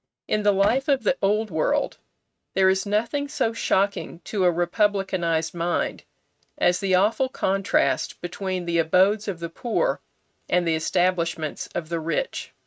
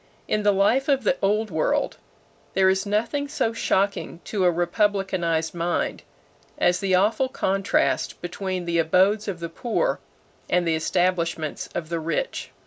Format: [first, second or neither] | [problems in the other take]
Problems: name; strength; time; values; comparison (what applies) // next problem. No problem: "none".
second | noise reduction (neural mask model RNNoise)